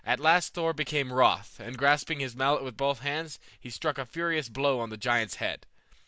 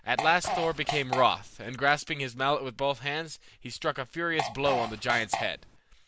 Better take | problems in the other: first | background sound (Fart); 4 dB below the speech

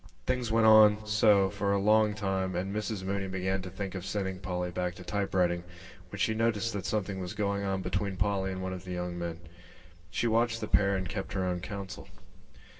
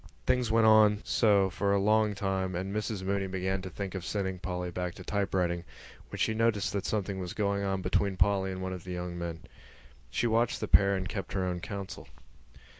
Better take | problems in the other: second | room echo; dies away in 2.2 s

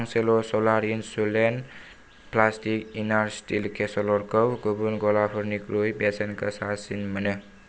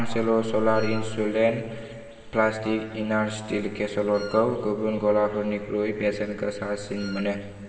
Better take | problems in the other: first | background sound (Wind instrument, woodwind instrument); 18 dB below the speech // room echo; dies away in 2.8 s

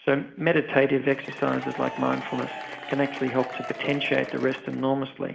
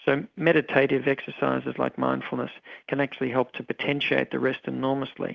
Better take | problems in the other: second | background sound (Applause / Crowd / Cheering); 12 dB below the speech // room echo; dies away in 3 s

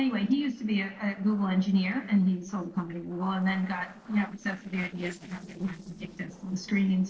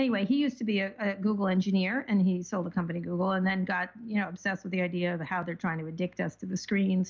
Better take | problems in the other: second | noise reduction (neural separator model SepFormer DNS4)

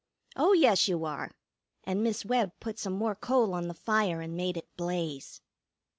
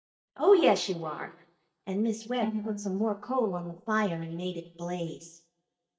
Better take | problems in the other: first | noise reduction (neural mask model DeepFilterNet 3)

